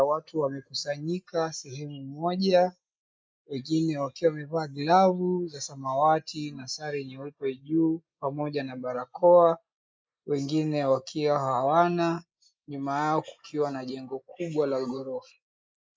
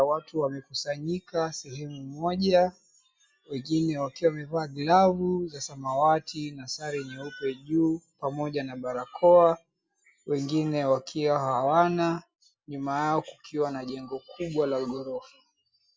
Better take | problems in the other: second | noise reduction (neural mask model Resemble Enhance denoiser)

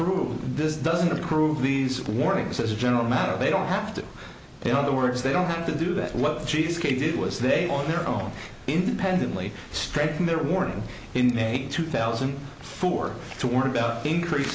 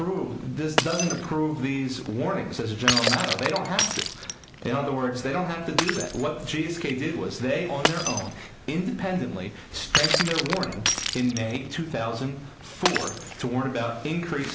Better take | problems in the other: first | background sound (Shatter); 3 dB below the speech

